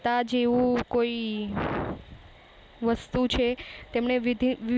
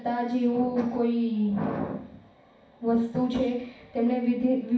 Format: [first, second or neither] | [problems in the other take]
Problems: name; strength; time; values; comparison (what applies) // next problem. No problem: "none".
first | room echo; dies away in 0.6 s